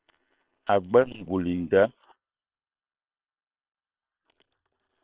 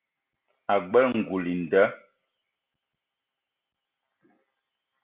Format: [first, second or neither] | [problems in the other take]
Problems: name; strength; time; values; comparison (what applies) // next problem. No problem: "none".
second | noise reduction (neural separator model SepFormer WHAM!)